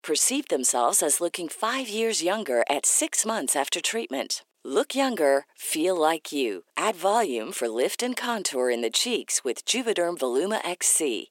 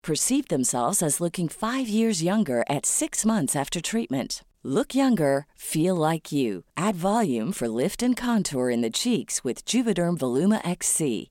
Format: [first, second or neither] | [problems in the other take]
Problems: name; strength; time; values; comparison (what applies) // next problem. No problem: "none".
second | thin; somewhat; fading below 350 Hz